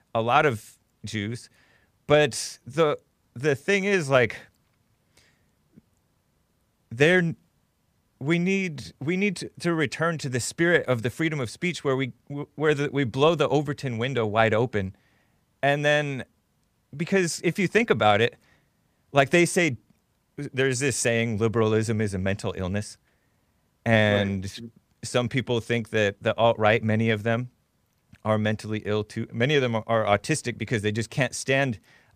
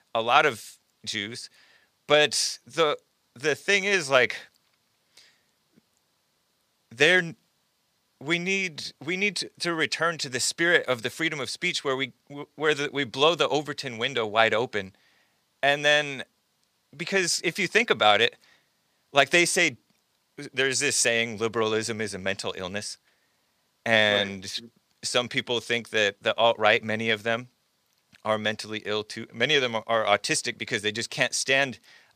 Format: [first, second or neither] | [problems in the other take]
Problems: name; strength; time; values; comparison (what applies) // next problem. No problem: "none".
first | thin; somewhat; fading below 600 Hz